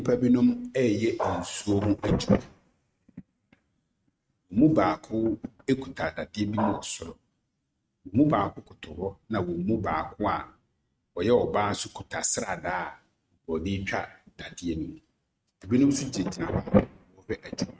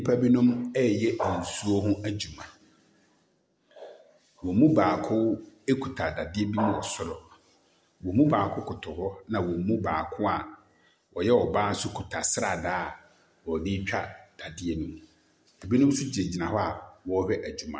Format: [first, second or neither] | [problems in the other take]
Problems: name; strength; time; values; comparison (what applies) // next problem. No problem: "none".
second | noise reduction (neural mask model RNNoise)